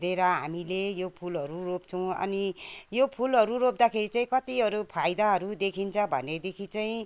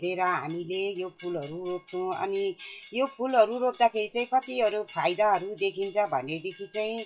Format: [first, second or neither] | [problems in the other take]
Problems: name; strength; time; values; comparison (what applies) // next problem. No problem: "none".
first | noise reduction (classical method WPE with log-MMSE)